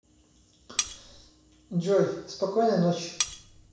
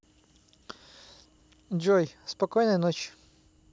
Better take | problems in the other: second | background sound (Cutlery, silverware); 4 dB below the speech // room echo; dies away in 0.7 s

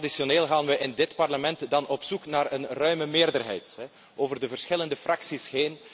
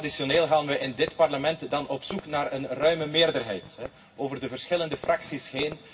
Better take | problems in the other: first | background sound (Fireworks); 19 dB below the speech // room echo; dies away in 0.4 s

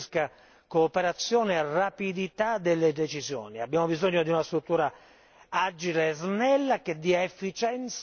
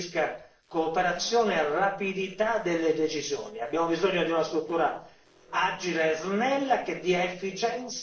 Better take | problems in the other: first | noise reduction (neural separator model SepFormer DNS4)

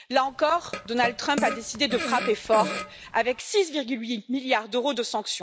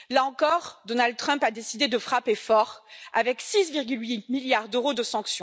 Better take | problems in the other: second | background sound (Fart); 8 dB below the speech

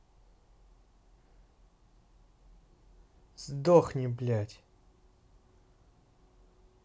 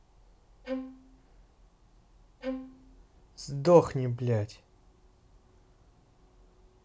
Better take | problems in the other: first | background sound (Bowed string instrument); 8 dB below the speech

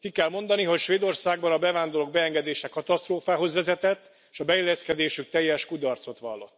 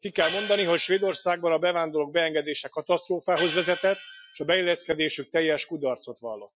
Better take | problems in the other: first | noise reduction (classical method Wiener filter)

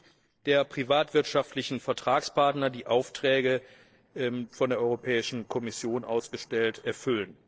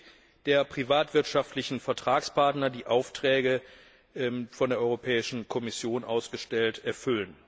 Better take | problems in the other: second | noise reduction (neural separator model SepFormer DNS4)

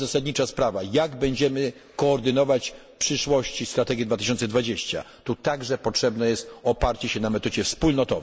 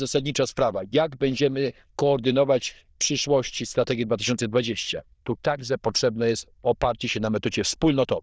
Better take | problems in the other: first | noise reduction (neural diffusion model UNIVERSE++)

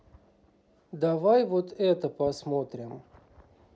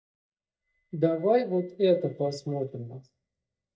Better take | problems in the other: first | noise reduction (neural mask model DeepFilterNet 3)

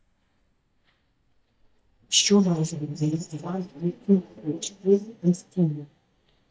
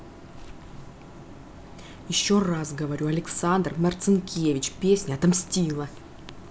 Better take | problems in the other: second | noise reduction (neural mask model DeepFilterNet 3)

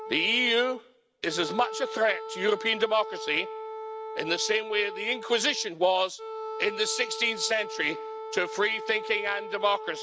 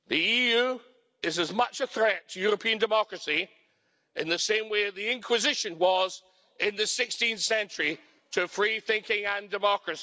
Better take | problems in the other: second | background sound (Wind instrument, woodwind instrument); 10 dB below the speech

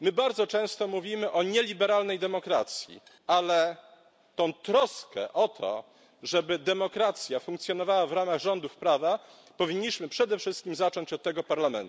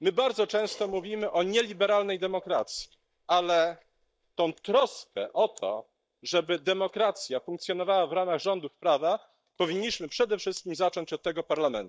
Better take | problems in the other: first | noise reduction (neural mask model DeepFilterNet 3)

